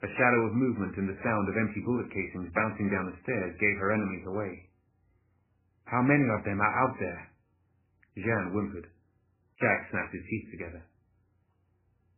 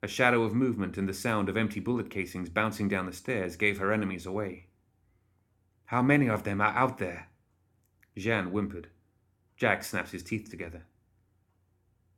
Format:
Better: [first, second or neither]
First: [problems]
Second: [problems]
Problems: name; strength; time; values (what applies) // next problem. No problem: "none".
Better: second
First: garbled, watery; badly; nothing above 2.5 kHz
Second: none